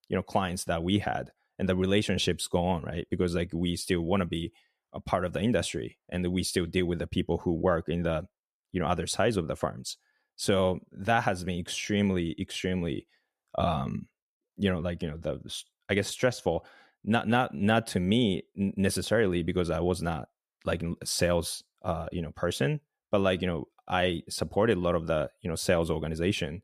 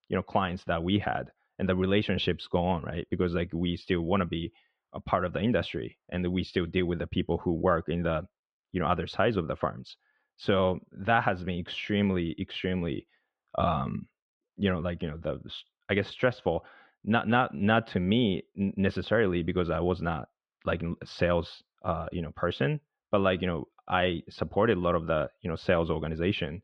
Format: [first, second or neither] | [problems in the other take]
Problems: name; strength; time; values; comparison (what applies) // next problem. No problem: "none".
first | muffled; slightly; fading above 3.5 kHz